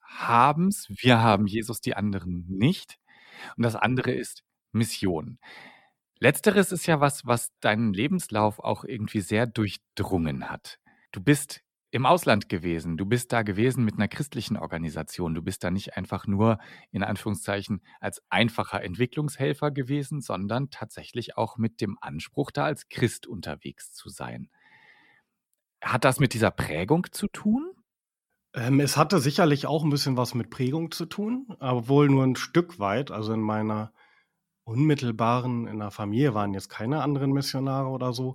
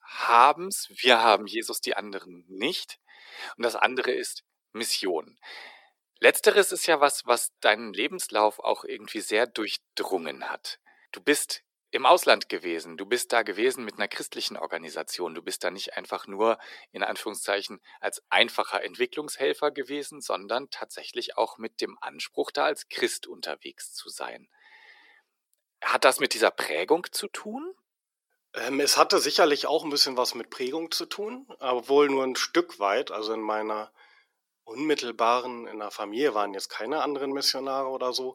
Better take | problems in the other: first | thin; very; fading below 400 Hz

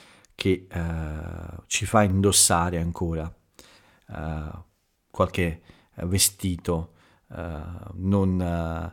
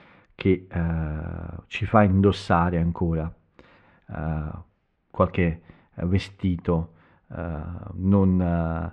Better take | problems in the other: first | muffled; very; fading above 2.5 kHz

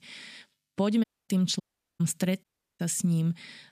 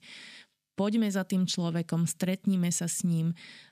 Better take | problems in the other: second | audio cutting out; at 1 s, at 1.5 s and at 2.5 s

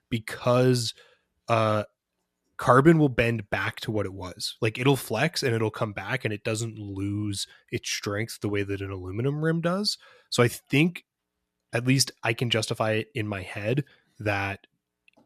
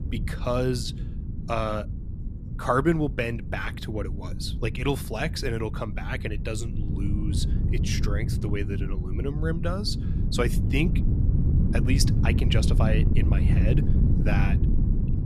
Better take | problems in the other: first | wind noise on the microphone; heavy; 8 dB below the speech

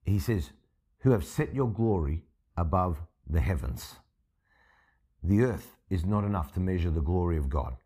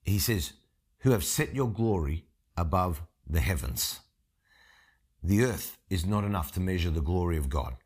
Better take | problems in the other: second | muffled; slightly; fading above 2 kHz

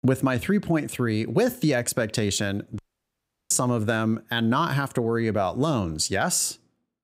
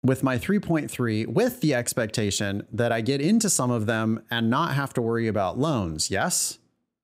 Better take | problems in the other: second | audio cutting out; at 3 s for 0.5 s

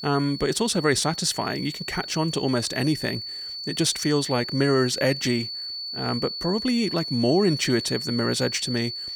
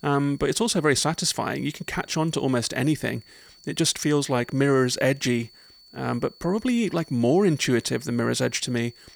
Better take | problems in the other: second | high-pitched whine; loud; throughout; 4.5 kHz, 7 dB below the speech; faint in the second

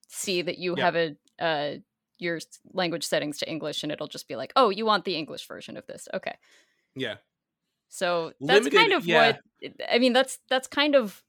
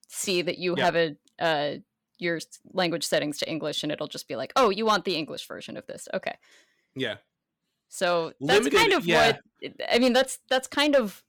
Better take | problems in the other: first | distortion; slight; 2% of the sound clipped

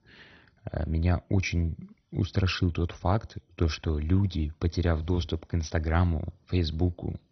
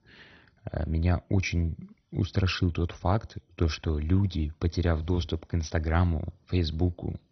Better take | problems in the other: neither | garbled, watery; badly; nothing above 6 kHz; the same in both

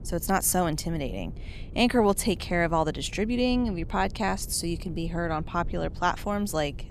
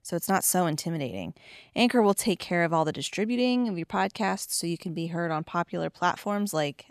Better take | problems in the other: second | low rumble; faint; throughout; 25 dB below the speech

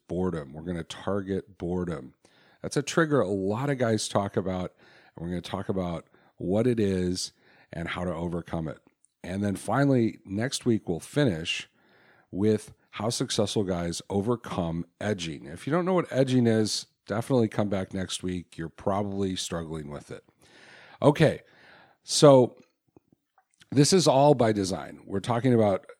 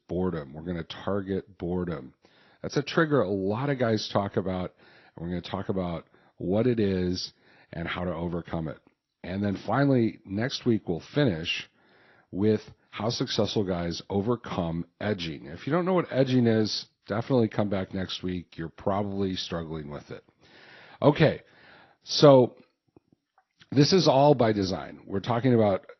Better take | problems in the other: first | garbled, watery; slightly; nothing above 6 kHz

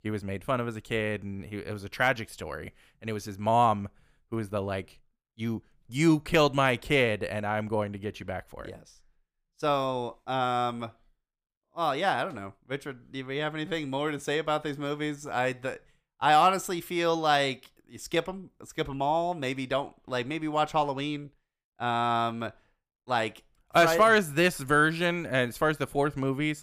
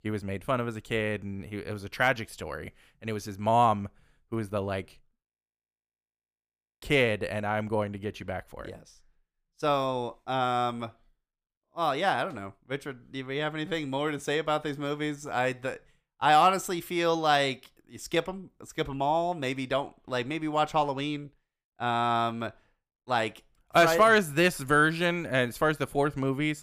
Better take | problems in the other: first | audio freezing; at 5 s for 1.5 s

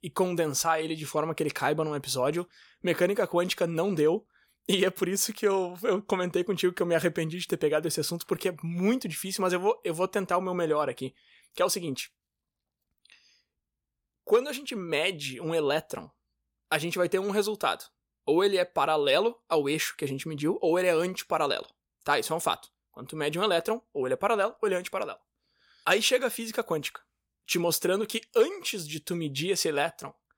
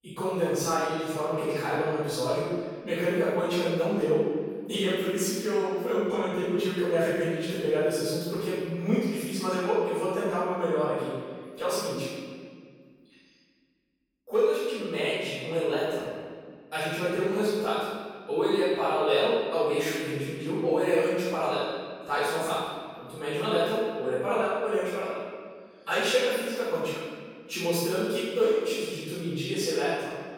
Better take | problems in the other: first | room echo; strong; dies away in 1.7 s // off-mic speech; far

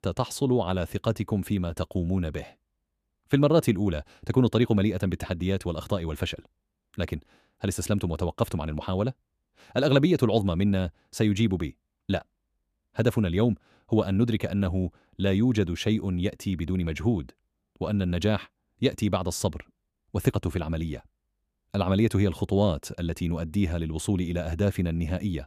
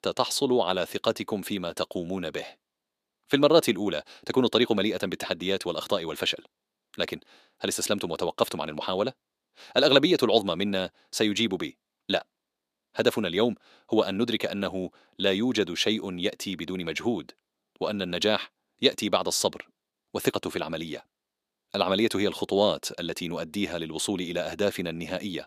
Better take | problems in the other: first | thin; somewhat; fading below 350 Hz

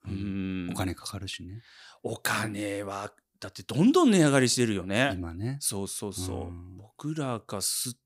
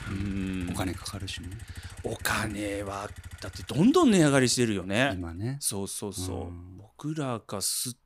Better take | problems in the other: first | traffic noise; noticeable; throughout; 15 dB below the speech

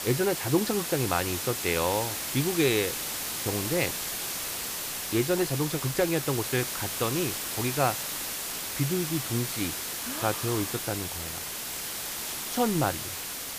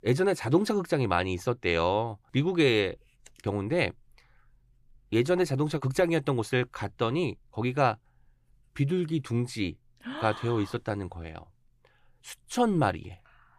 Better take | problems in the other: second | hiss; loud; throughout; 2 dB below the speech

